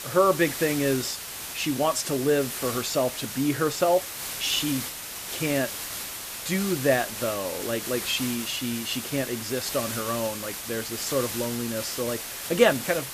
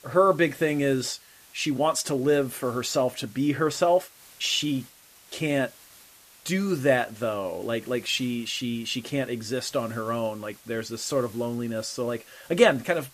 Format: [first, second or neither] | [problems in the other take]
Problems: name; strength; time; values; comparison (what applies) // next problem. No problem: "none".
second | hiss; loud; throughout; 6 dB below the speech; faint in the second